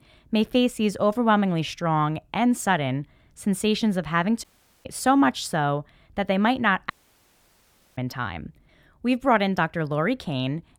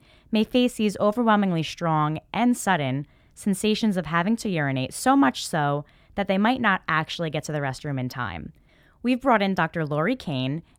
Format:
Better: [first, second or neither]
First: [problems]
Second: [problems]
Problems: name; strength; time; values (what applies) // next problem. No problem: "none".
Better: second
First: audio cutting out; at 4.5 s and at 7 s for 1 s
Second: none